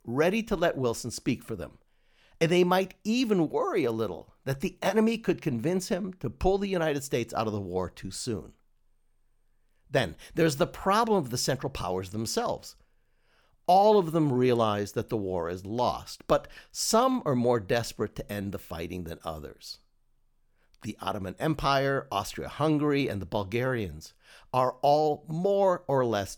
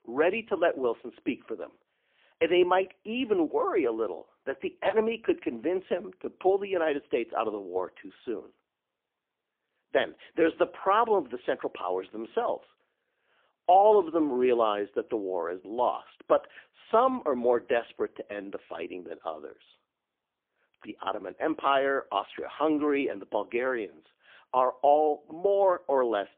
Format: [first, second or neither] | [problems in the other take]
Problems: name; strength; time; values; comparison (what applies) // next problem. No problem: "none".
first | phone-call audio; poor line; nothing above 3.5 kHz